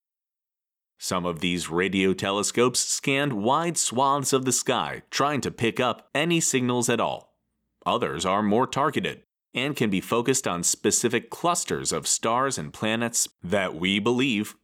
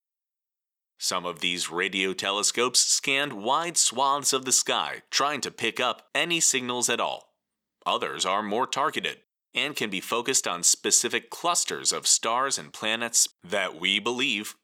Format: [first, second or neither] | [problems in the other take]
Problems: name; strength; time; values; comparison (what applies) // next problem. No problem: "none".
first | thin; somewhat; fading below 700 Hz